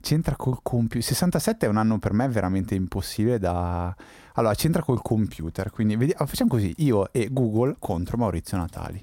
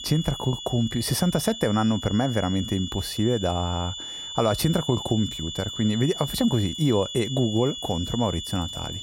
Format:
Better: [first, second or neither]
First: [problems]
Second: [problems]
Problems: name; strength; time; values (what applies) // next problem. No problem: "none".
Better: first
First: none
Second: high-pitched whine; loud; throughout; 3.5 kHz, 8 dB below the speech